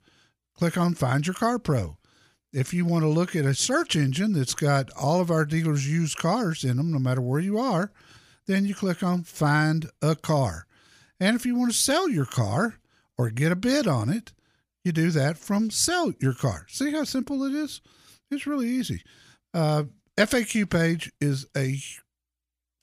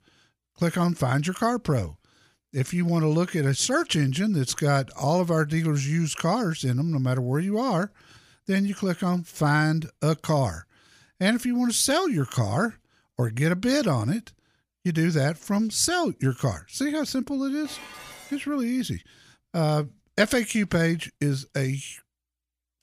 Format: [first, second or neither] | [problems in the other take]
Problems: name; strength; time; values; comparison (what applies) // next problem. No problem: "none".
first | clattering dishes; faint; at 18 s; peak 15 dB below the speech